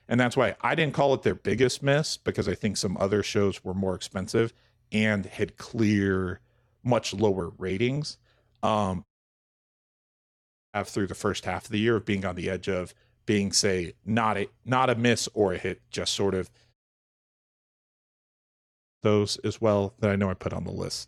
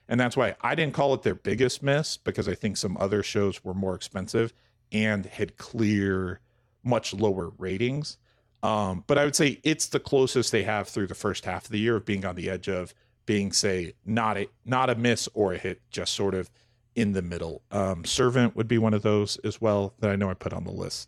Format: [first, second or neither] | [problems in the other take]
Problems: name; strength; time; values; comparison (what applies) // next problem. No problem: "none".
second | audio cutting out; at 9 s for 1.5 s and at 17 s for 2.5 s